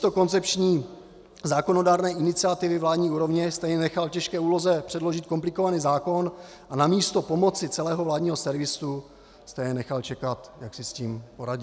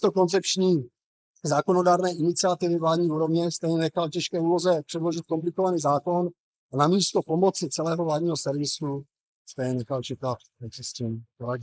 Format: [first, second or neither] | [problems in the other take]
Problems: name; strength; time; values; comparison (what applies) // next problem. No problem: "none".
first | noise reduction (neural mask model Resemble Enhance denoiser)